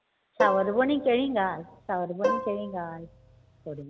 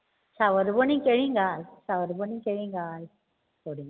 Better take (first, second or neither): second